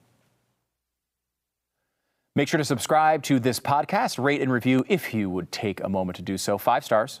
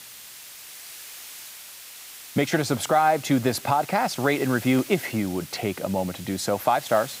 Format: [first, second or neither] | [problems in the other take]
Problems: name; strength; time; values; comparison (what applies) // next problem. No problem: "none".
first | hiss; noticeable; throughout; 15 dB below the speech